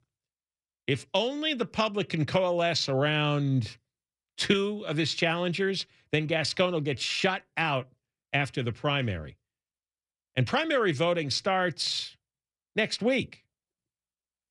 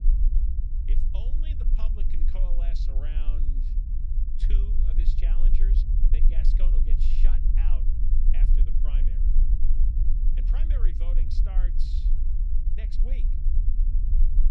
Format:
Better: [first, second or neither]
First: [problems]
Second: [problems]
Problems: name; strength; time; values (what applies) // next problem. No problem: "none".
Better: first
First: none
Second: low rumble; loud; throughout; 1 dB below the speech